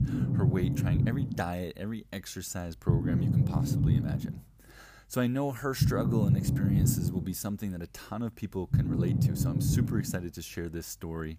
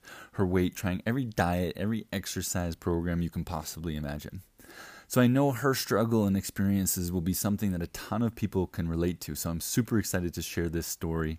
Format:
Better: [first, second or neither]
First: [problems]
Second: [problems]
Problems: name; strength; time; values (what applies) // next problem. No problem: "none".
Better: second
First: low rumble; loud; throughout; 1 dB below the speech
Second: none